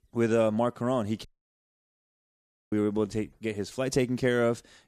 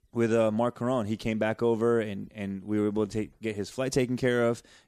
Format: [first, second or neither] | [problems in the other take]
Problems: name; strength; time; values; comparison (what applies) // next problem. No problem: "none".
second | audio cutting out; at 1.5 s for 1.5 s